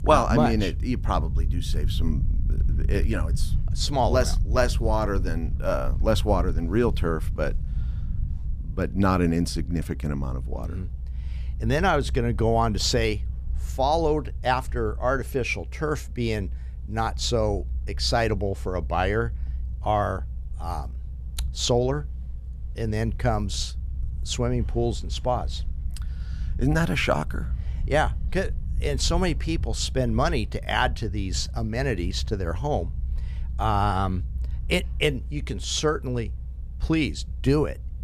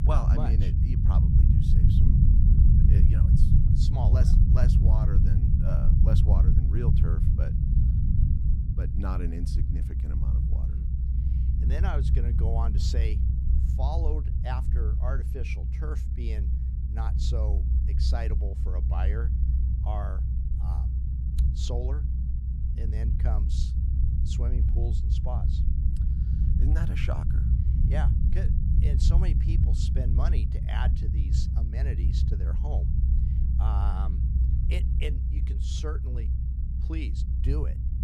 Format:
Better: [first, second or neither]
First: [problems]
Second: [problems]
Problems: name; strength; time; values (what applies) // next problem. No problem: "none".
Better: first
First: low rumble; faint; throughout; 20 dB below the speech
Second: low rumble; loud; throughout; 1 dB below the speech